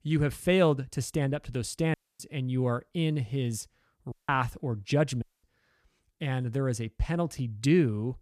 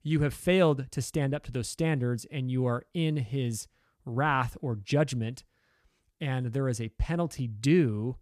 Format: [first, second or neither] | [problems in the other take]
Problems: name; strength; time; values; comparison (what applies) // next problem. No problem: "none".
second | audio cutting out; at 2 s, at 4 s and at 5 s